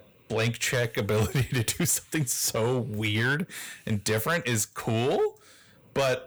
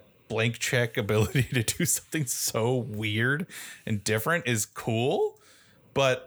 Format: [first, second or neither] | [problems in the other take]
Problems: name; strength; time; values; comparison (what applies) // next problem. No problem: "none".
second | distortion; slight; 8% of the sound clipped